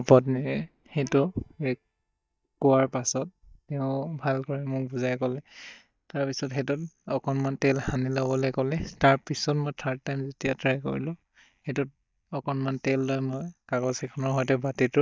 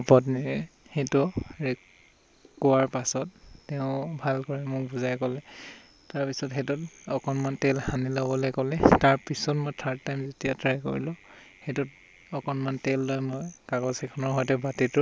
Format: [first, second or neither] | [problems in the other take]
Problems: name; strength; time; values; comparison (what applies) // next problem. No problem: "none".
second | noise reduction (neural mask model DeepFilterNet 3)